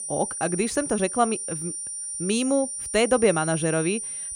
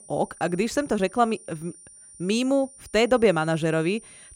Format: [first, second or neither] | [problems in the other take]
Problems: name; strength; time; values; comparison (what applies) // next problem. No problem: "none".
second | high-pitched whine; loud; throughout; 9 kHz, 5 dB below the speech; faint in the second